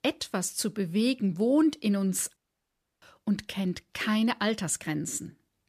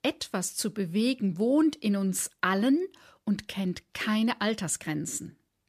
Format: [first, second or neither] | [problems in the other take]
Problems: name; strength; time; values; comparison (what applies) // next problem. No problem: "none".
second | audio cutting out; at 2.5 s for 0.5 s